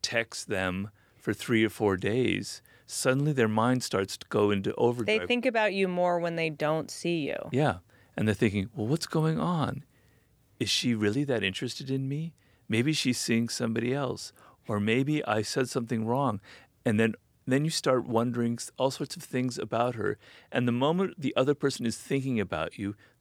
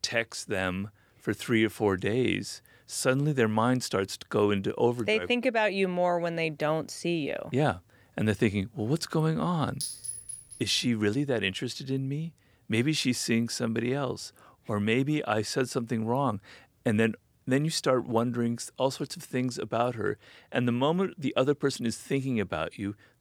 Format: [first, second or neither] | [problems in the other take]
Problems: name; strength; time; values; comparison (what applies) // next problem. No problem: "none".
first | clattering dishes; noticeable; at 10 s; peak 5 dB below the speech